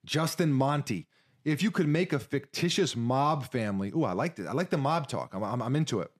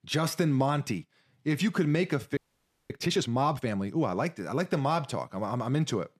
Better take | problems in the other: first | audio freezing; at 2.5 s for 0.5 s

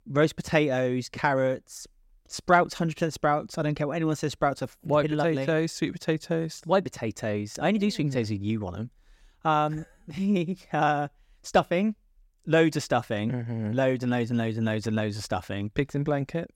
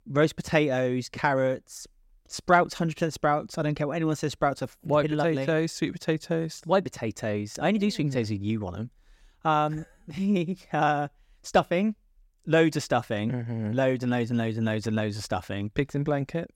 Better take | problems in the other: neither | none

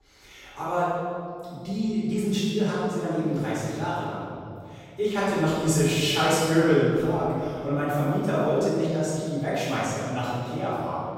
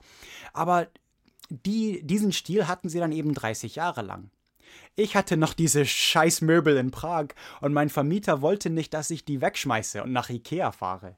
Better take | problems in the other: second | off-mic speech; far // room echo; strong; dies away in 2.4 s

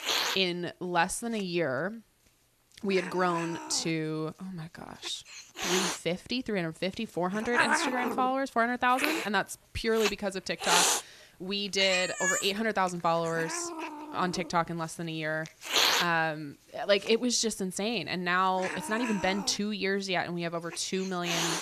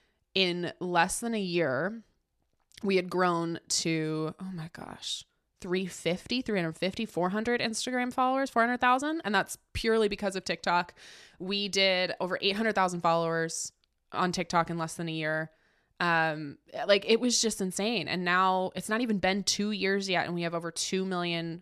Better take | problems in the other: second | hiss; loud; throughout; 1 dB below the speech

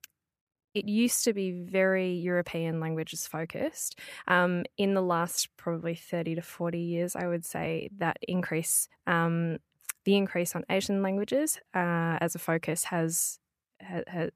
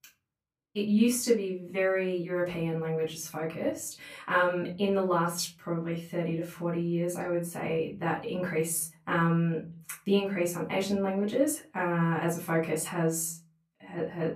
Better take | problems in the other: first | off-mic speech; far // room echo; slight; dies away in 0.4 s

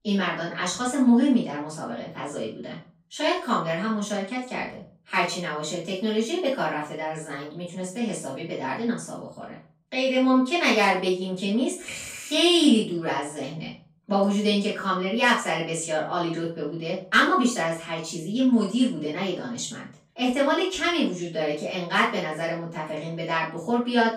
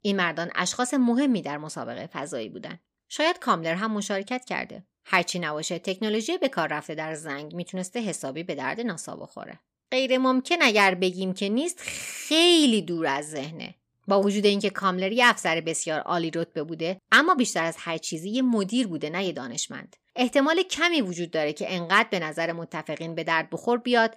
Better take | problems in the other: second | room echo; noticeable; dies away in 0.4 s // off-mic speech; far

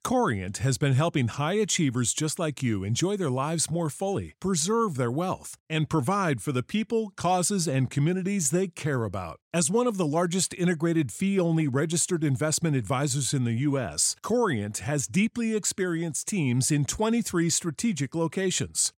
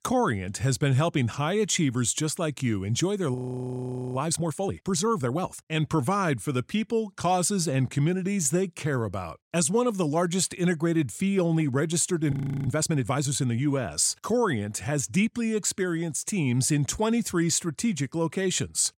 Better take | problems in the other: first | audio freezing; at 3.5 s for 1 s and at 12 s

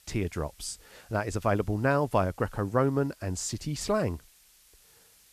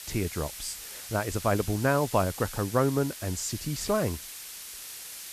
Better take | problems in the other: first | hiss; loud; throughout; 10 dB below the speech; faint in the first

